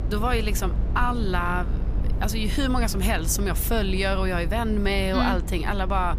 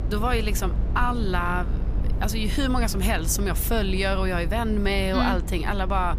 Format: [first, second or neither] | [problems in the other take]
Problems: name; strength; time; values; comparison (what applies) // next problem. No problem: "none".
neither | low rumble; noticeable; throughout; 15 dB below the speech; the same in both